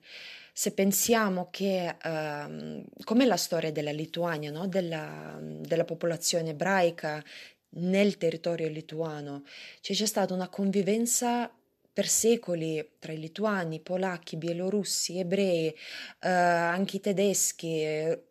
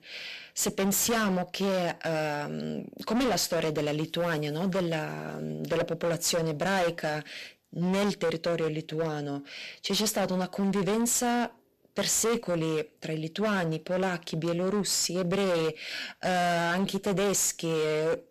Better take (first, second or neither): first